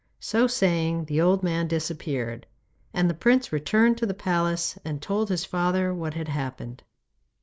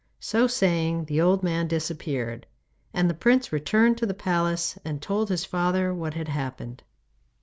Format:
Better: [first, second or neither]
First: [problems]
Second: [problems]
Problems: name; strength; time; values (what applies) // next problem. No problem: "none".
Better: second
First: noise reduction (neural mask model Resemble Enhance denoiser)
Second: none